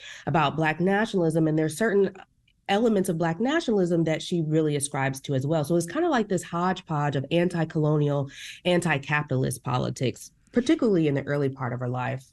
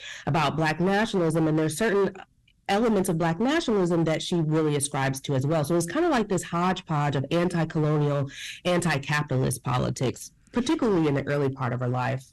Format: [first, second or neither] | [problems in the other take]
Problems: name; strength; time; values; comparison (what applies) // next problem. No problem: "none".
first | distortion; slight; 16% of the sound clipped